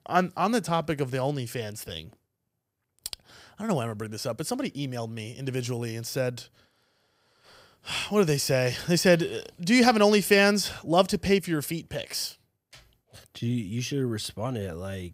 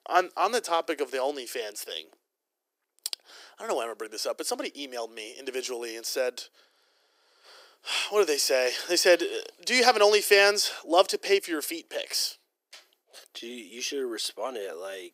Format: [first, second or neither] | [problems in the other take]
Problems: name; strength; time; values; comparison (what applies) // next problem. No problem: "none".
first | thin; very; fading below 350 Hz